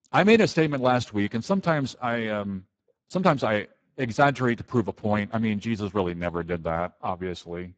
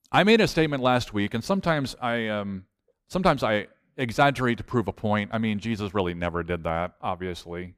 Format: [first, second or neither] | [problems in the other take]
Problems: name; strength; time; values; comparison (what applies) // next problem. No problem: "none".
second | garbled, watery; badly; nothing above 7.5 kHz